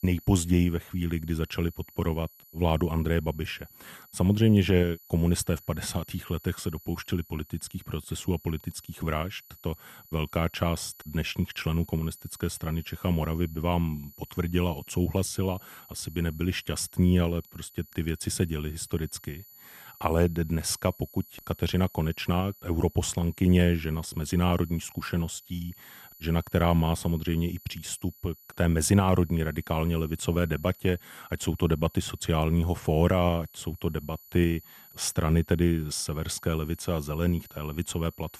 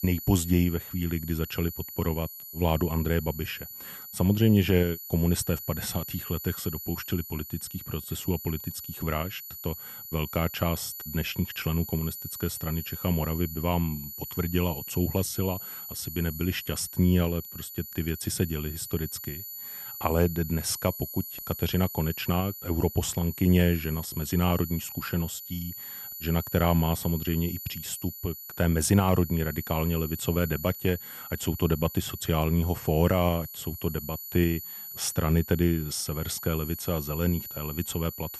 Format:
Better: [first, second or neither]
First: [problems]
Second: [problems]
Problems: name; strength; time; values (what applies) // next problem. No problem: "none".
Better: first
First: high-pitched whine; faint; throughout; 12 kHz, 20 dB below the speech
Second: high-pitched whine; loud; throughout; 12 kHz, 9 dB below the speech